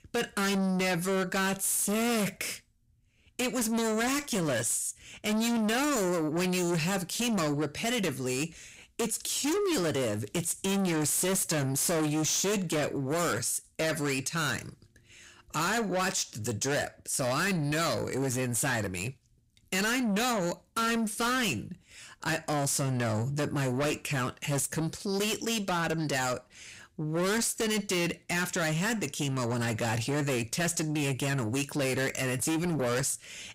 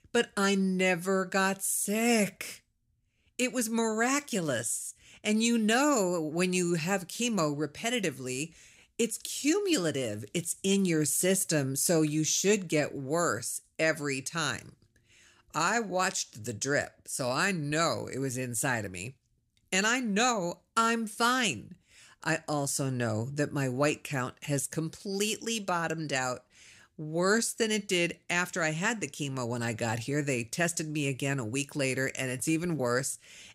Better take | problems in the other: second | distortion; heavy; 6 dB below the speech

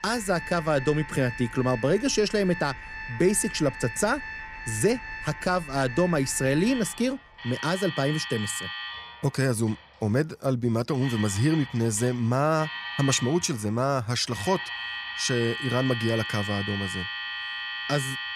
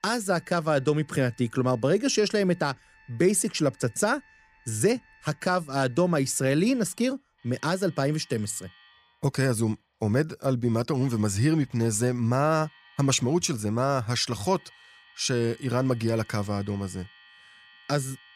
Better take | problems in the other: second | alarms or sirens; loud; throughout; 8 dB below the speech; faint in the second

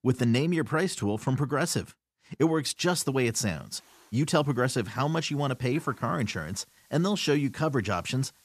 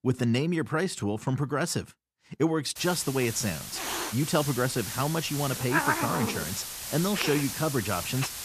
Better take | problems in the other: first | hiss; loud; from 3 s on; 3 dB below the speech; faint in the first

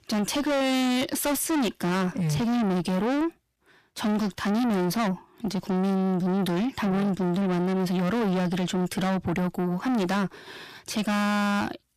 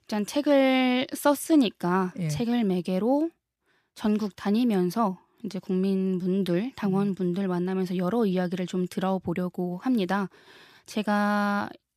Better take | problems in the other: second | distortion; heavy; 6 dB below the speech

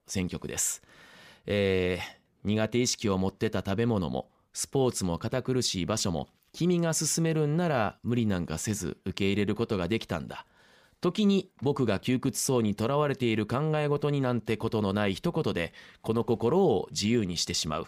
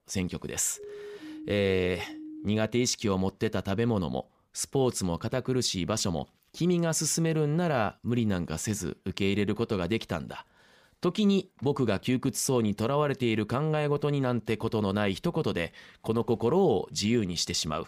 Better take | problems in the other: first | siren; faint; from 1 to 2.5 s; peak 15 dB below the speech

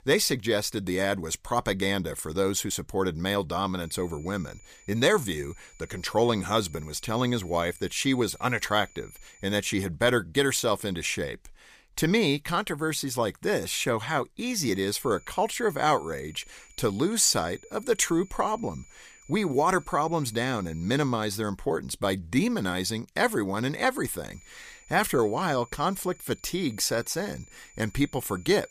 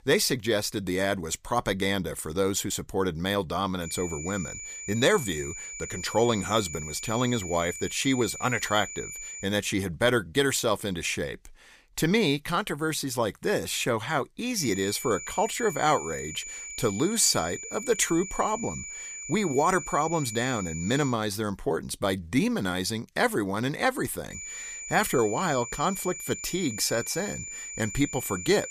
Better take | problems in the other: first | high-pitched whine; loud; from 4 to 9.5 s, from 15 to 21 s and from 24 s on; 7 kHz, 9 dB below the speech; faint in the first

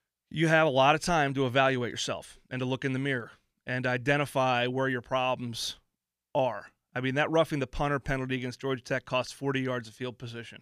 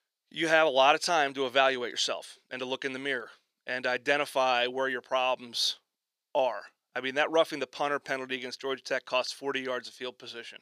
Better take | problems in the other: first | thin; somewhat; fading below 450 Hz

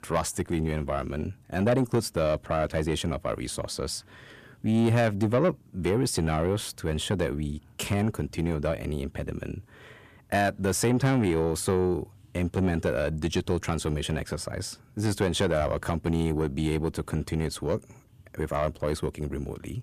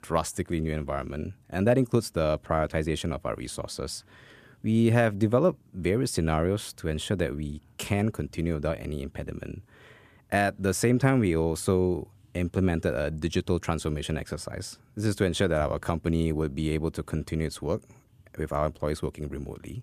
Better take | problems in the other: second | distortion; slight; 10 dB below the speech

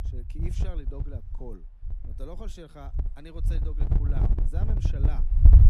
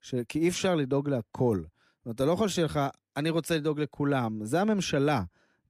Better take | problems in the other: second | wind noise on the microphone; heavy; 2 dB above the speech

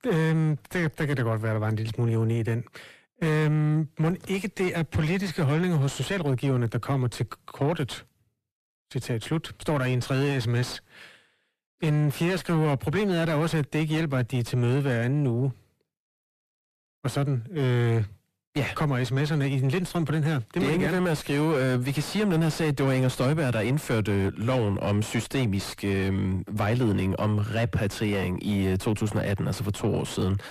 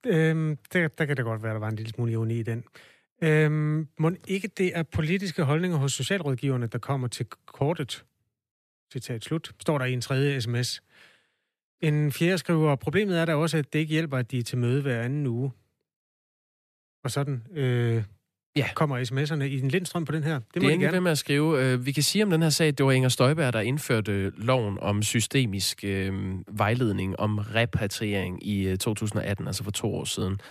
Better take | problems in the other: second | distortion; heavy; 7 dB below the speech

